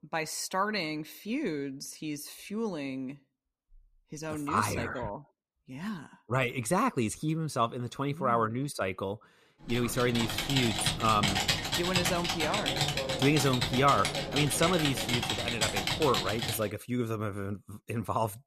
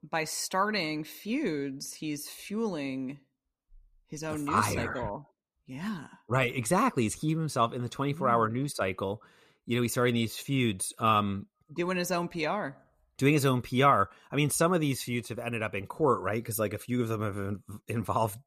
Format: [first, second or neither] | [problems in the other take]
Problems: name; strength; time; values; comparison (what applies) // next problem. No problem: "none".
second | keyboard typing; loud; from 9.5 to 17 s; peak 4 dB above the speech